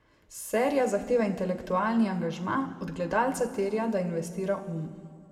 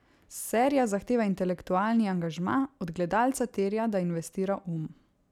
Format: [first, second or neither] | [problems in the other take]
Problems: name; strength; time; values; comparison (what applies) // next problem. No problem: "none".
second | room echo; dies away in 1.6 s